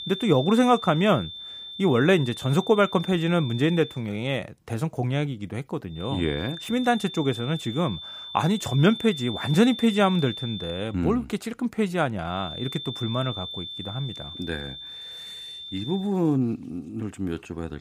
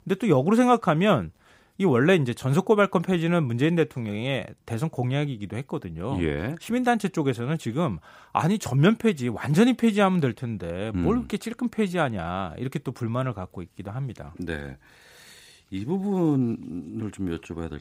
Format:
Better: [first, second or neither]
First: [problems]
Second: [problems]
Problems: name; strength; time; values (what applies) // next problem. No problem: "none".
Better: second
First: high-pitched whine; noticeable; until 4 s, from 6 to 11 s and from 12 to 16 s; 3.5 kHz, 10 dB below the speech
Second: none